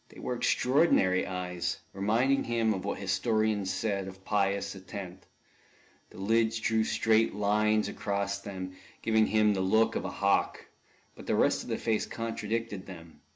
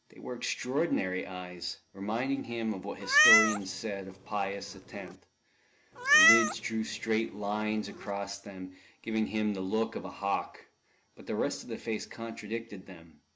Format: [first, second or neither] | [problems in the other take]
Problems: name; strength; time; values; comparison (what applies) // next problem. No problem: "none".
first | background sound (Meow); 5 dB above the speech